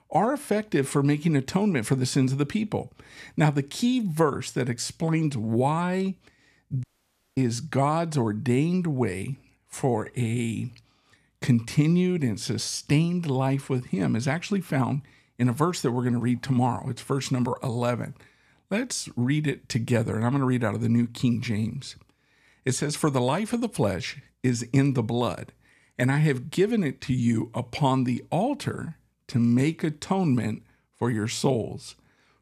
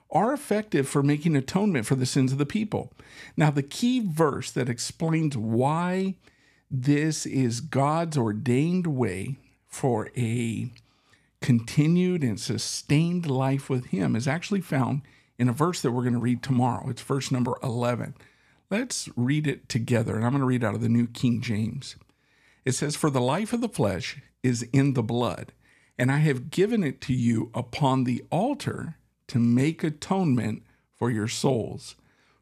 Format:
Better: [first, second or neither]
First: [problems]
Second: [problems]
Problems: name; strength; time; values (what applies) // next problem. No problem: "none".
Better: second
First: audio cutting out; at 7 s for 0.5 s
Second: none